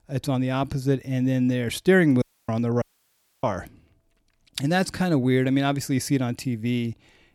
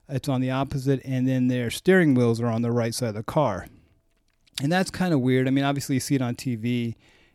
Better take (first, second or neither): second